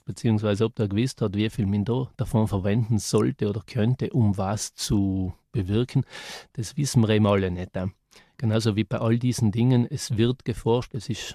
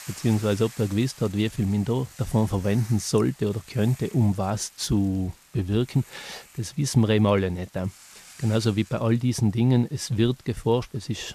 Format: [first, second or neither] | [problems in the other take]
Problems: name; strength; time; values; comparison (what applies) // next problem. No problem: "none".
first | hiss; faint; throughout; 20 dB below the speech